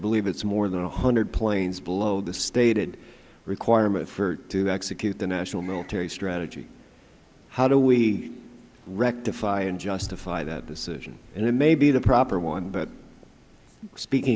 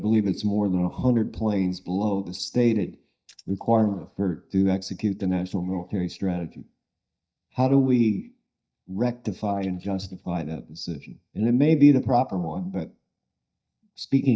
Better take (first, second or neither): first